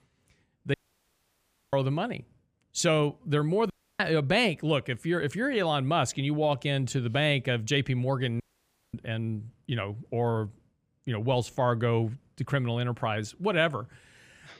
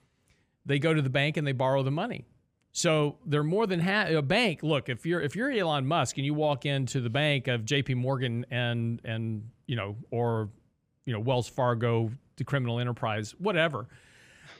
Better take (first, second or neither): second